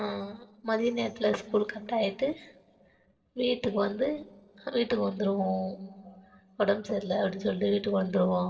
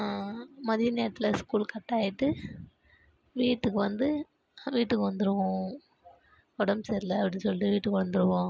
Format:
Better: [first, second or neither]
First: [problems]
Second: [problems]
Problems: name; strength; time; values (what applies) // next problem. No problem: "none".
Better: second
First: noise reduction (neural separator model SepFormer DNS4)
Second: none